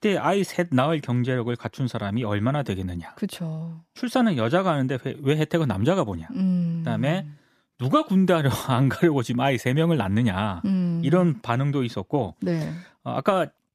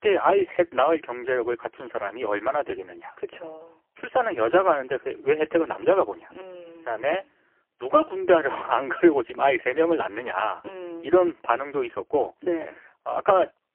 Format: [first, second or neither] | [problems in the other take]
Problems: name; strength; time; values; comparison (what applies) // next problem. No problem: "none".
first | phone-call audio; poor line; nothing above 3 kHz